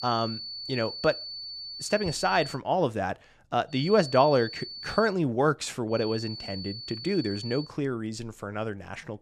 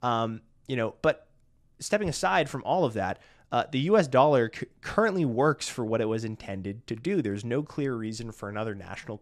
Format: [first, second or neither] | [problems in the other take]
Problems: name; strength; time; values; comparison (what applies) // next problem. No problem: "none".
second | high-pitched whine; loud; until 2.5 s, from 3.5 to 5 s and from 6 to 7.5 s; 4.5 kHz, 9 dB below the speech